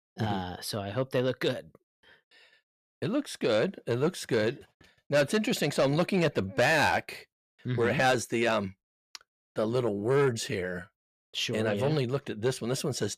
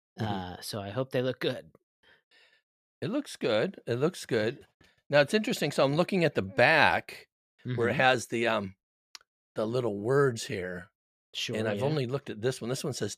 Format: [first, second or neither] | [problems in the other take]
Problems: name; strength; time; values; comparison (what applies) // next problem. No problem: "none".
second | distortion; slight; 10 dB below the speech